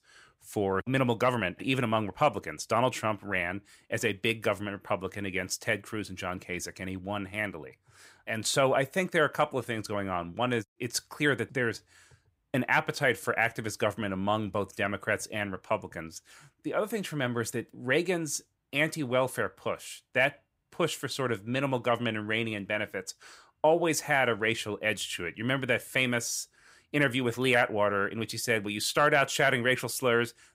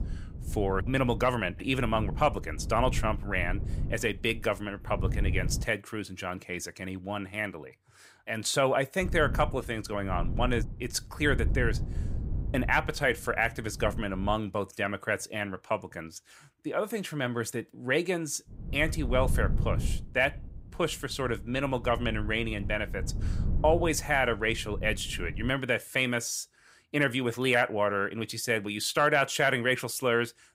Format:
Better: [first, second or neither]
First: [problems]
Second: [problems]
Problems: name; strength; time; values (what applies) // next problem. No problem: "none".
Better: first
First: none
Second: wind noise on the microphone; occasional gusts; until 5.5 s, from 9 to 14 s and from 18 to 26 s; 20 dB below the speech